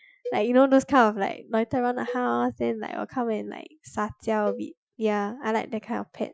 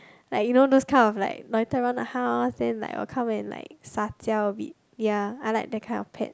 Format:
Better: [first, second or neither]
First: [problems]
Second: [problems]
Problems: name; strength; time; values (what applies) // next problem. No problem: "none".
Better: second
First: noise reduction (classical method Wiener filter)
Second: none